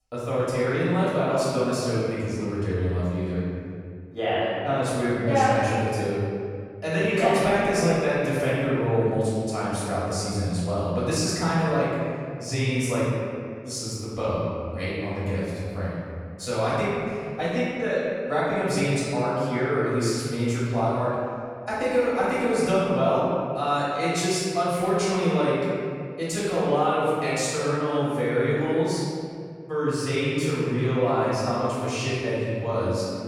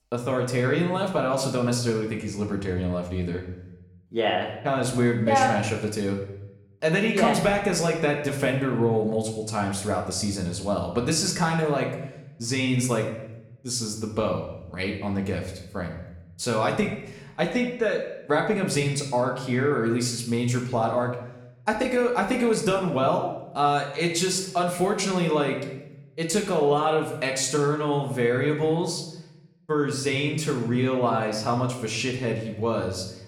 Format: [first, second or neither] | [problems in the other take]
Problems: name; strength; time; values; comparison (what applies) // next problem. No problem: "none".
second | room echo; strong; dies away in 2.1 s; slight in the second // off-mic speech; far; somewhat distant in the second